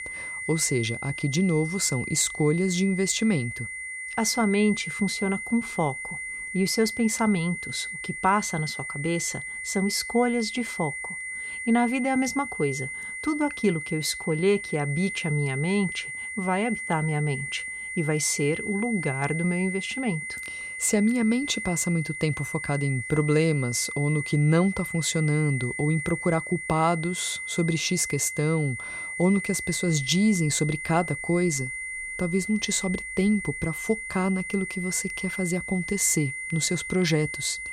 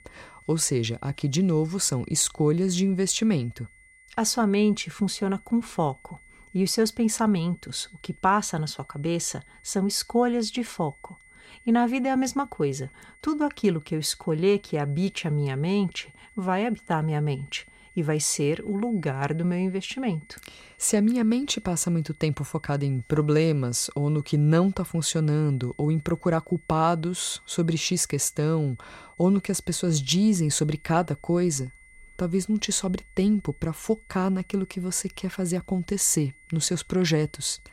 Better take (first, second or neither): second